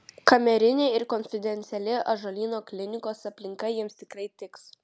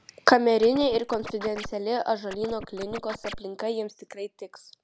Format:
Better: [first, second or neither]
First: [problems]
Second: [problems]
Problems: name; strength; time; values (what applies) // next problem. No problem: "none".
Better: first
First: none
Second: background sound (Scratching (performance technique)); 13 dB below the speech